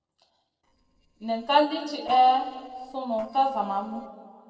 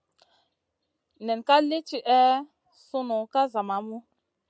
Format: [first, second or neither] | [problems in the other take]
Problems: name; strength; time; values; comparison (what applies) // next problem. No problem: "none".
second | noise reduction (neural separator model SepFormer DNS4)